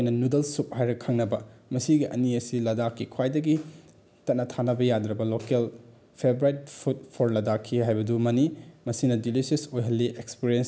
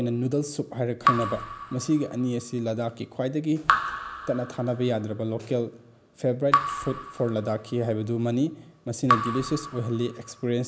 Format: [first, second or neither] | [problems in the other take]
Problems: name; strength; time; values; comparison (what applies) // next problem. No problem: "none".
first | background sound (Raindrop / Drip); 4 dB below the speech